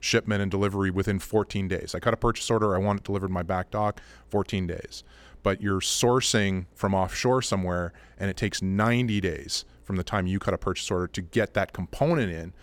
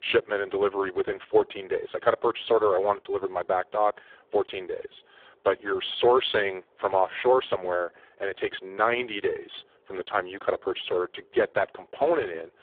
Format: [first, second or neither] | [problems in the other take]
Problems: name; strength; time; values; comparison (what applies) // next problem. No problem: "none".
first | phone-call audio; poor line; nothing above 3.5 kHz